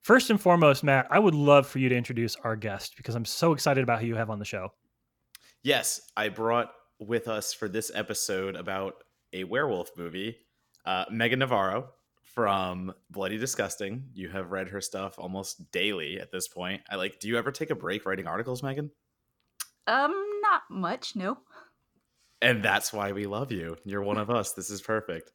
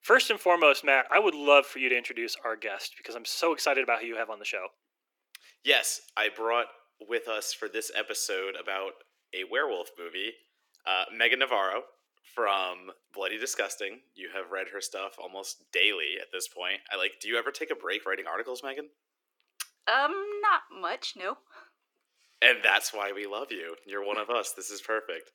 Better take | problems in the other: first | thin; very; fading below 300 Hz

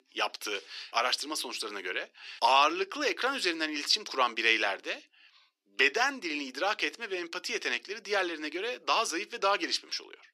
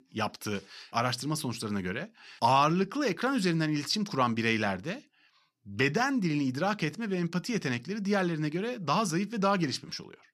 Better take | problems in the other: second | thin; very; fading below 350 Hz

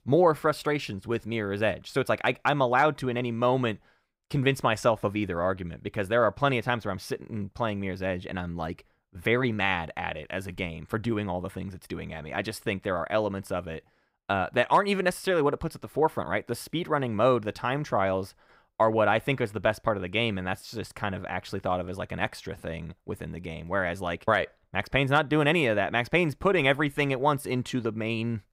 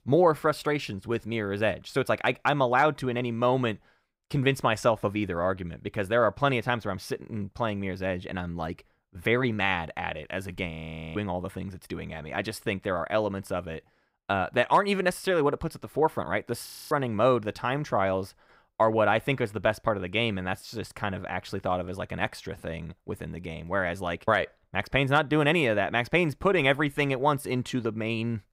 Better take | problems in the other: first | audio freezing; at 11 s and at 17 s

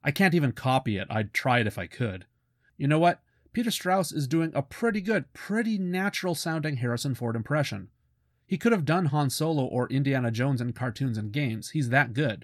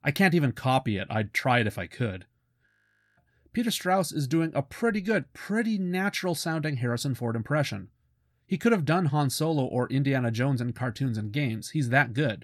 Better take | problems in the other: first | audio freezing; at 2.5 s for 0.5 s

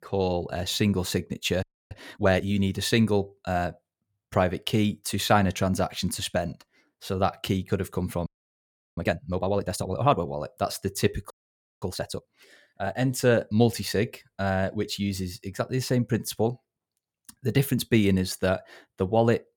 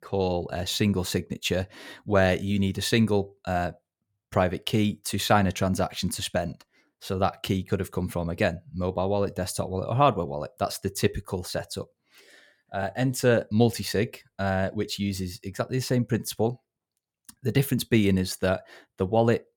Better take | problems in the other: second | audio freezing; at 1.5 s, at 8.5 s for 0.5 s and at 11 s for 0.5 s

